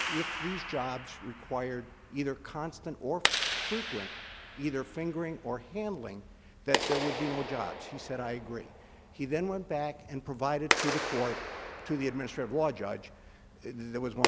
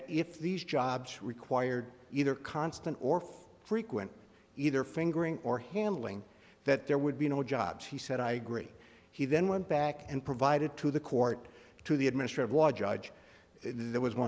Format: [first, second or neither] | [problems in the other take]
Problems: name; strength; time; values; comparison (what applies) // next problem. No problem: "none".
second | background sound (Clapping); 2 dB below the speech